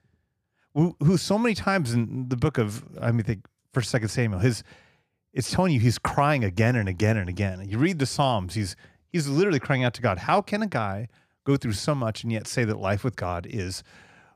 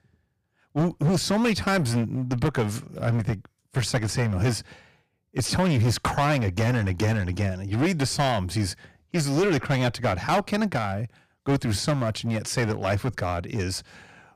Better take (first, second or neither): first